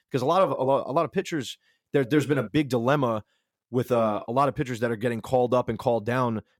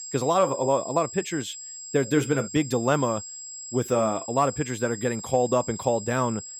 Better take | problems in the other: first | high-pitched whine; noticeable; throughout; 7.5 kHz, 10 dB below the speech

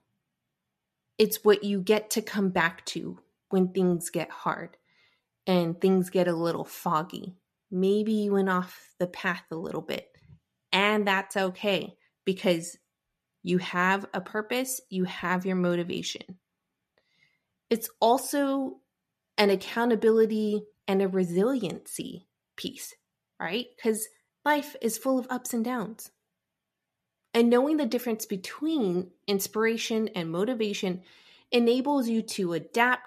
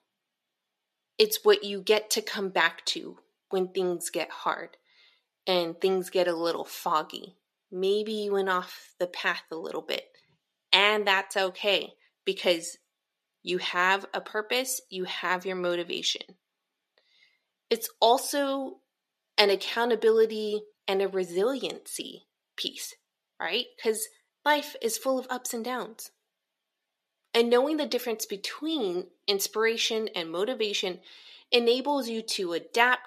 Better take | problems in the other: first | thin; somewhat; fading below 400 Hz

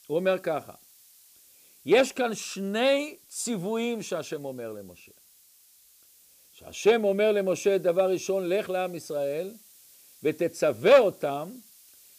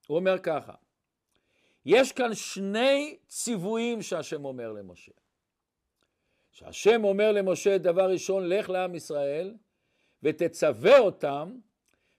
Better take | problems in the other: second | hiss; faint; throughout; 25 dB below the speech

